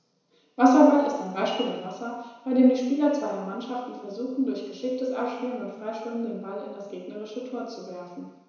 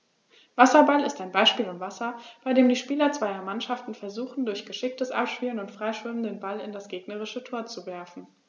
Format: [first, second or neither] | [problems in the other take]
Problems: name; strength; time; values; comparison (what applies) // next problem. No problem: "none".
second | room echo; dies away in 1 s